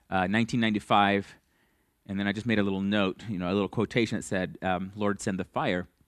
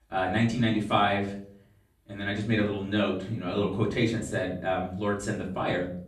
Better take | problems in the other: first | off-mic speech; far // room echo; slight; dies away in 0.5 s

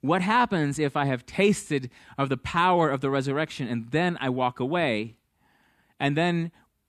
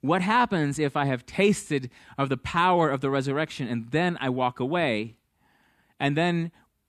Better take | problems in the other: neither | none

